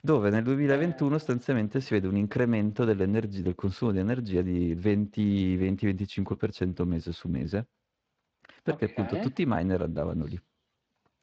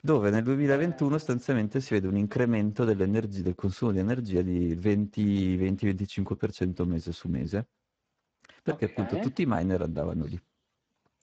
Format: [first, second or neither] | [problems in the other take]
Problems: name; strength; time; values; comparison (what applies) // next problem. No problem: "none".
first | garbled, watery; badly; nothing above 7.5 kHz; slightly in the first